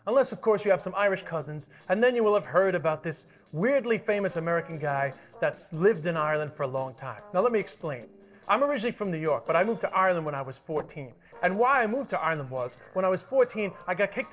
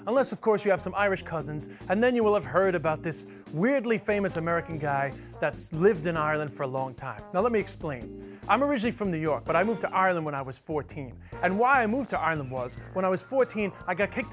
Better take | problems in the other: second | noise reduction (neural separator model SepFormer DNS4)

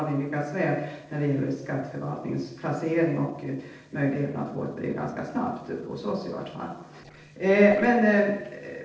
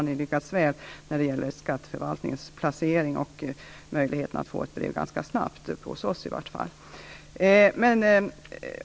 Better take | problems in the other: second | noise reduction (neural separator model SepFormer DNS4)

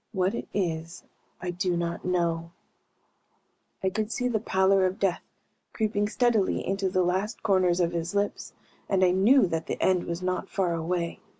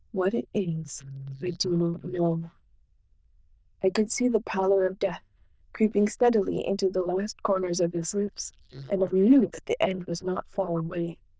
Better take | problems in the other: first | noise reduction (neural diffusion model UNIVERSE++)

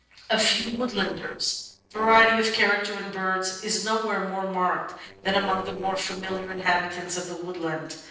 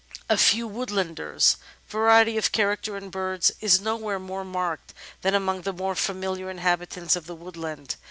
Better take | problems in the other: second | noise reduction (neural separator model SepFormer DNS4)

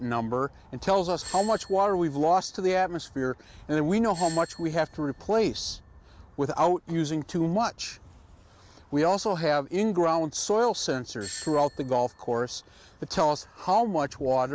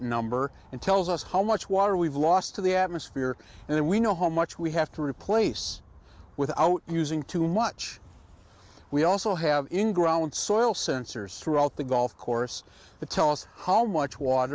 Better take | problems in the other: second | background sound (Doorbell); 19 dB below the speech

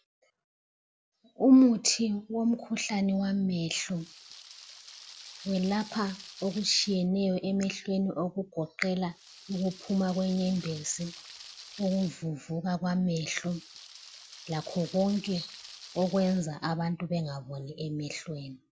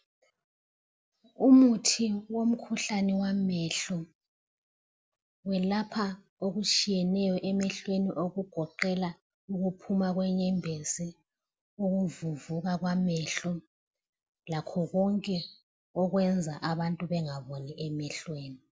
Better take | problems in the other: second | background sound (Rain); 18 dB below the speech

